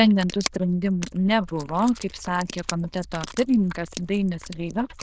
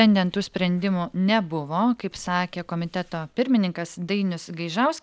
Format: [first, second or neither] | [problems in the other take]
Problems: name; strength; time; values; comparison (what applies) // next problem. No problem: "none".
second | noise reduction (neural diffusion model UNIVERSE++)